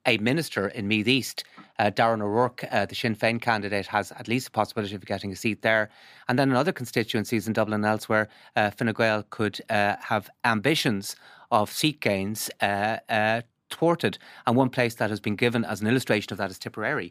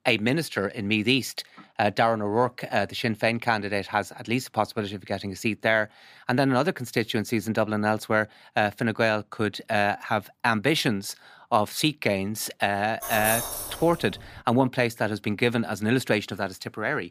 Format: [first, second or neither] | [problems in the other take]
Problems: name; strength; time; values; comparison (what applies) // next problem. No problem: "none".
first | jangling keys; noticeable; from 13 to 14 s; peak 1 dB below the speech